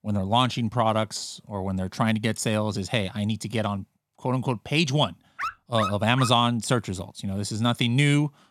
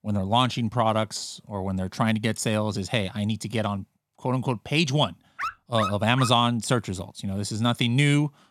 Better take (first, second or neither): neither